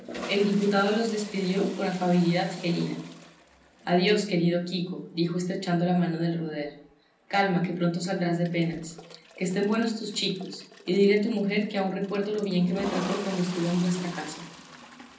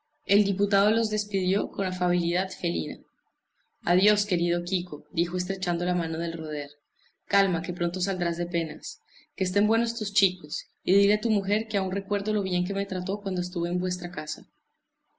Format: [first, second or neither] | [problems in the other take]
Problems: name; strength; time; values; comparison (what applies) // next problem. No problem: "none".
second | background sound (Toilet flush); 16 dB below the speech // room echo; dies away in 0.6 s